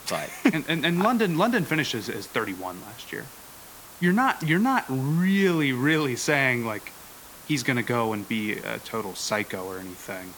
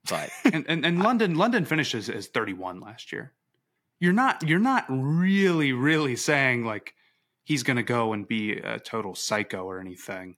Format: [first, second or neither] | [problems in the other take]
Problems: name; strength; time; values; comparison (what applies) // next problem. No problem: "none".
second | hiss; noticeable; throughout; 20 dB below the speech